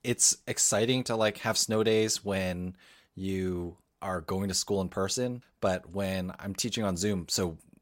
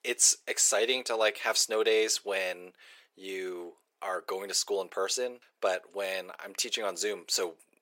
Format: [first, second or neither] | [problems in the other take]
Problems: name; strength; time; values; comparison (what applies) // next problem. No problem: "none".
first | thin; very; fading below 400 Hz